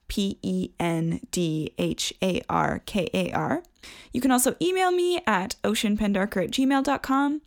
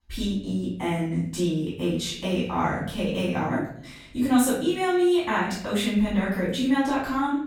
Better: first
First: none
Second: off-mic speech; far // room echo; noticeable; dies away in 0.6 s

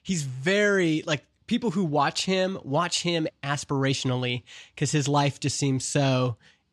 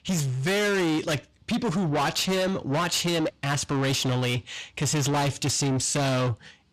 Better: first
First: none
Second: distortion; heavy; 7 dB below the speech

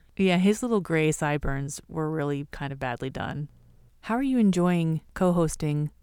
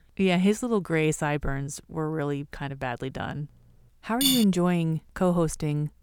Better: first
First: none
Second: clattering dishes; loud; at 4 s; peak 3 dB above the speech

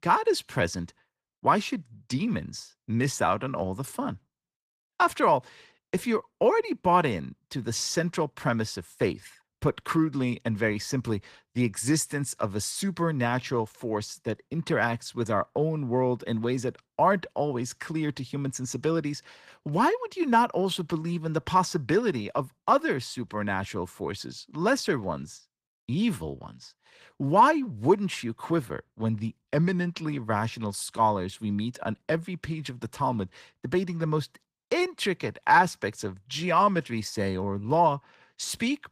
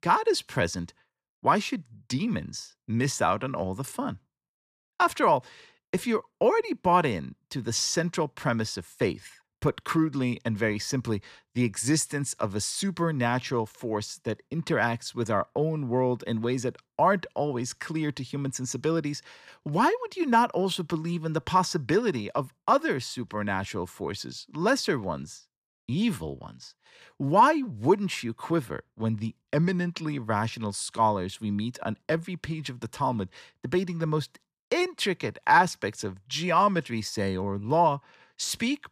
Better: second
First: garbled, watery; slightly; nothing above 14.5 kHz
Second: none

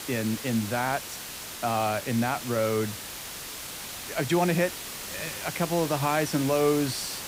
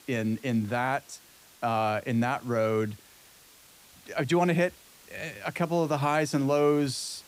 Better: second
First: hiss; loud; throughout; 8 dB below the speech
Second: hiss; faint; throughout; 25 dB below the speech

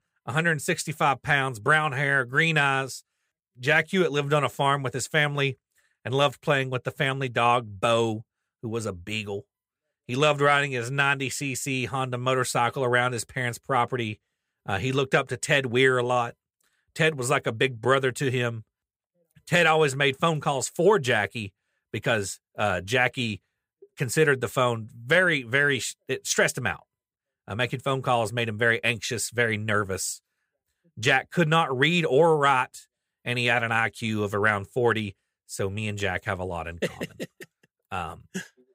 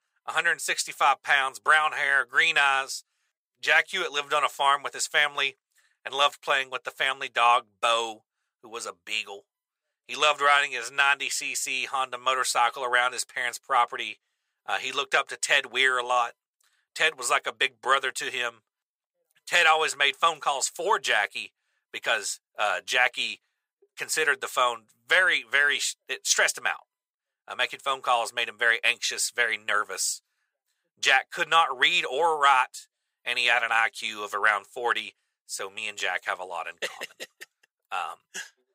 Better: first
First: none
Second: thin; very; fading below 750 Hz

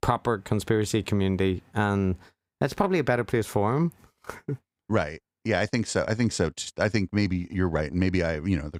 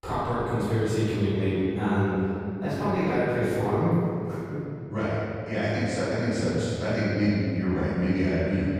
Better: first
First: none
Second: off-mic speech; far // room echo; strong; dies away in 2.6 s

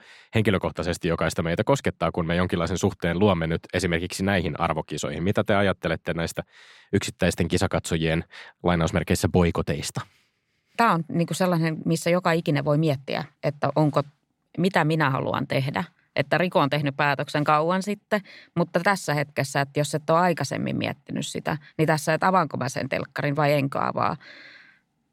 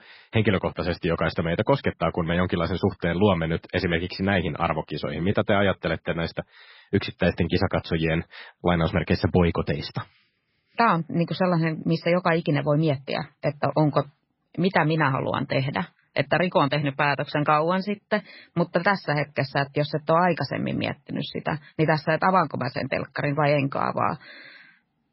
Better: first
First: none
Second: garbled, watery; badly; nothing above 5.5 kHz

